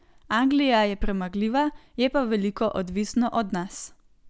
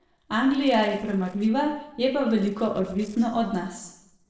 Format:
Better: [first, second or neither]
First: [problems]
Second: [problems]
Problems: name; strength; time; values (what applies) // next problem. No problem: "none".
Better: first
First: none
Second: noise reduction (neural separator model SepFormer DNS4)